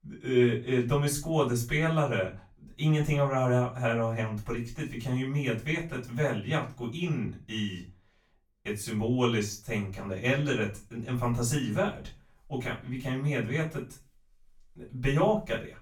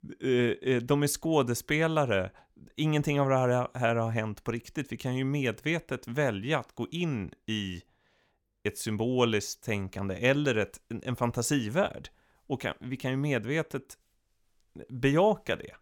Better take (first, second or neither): second